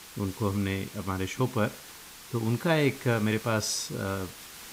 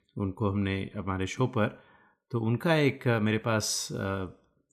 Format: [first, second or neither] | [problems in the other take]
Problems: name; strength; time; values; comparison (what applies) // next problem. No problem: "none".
second | hiss; noticeable; throughout; 15 dB below the speech